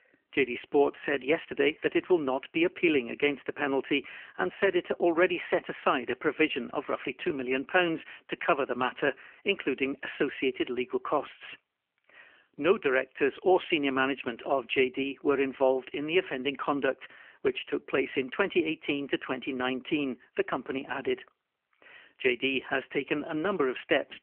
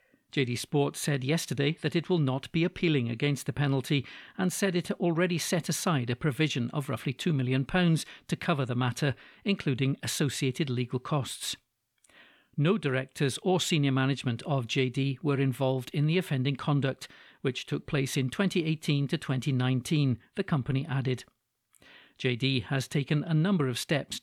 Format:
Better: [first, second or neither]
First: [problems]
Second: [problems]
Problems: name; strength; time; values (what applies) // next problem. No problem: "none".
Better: second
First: phone-call audio; nothing above 3 kHz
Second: none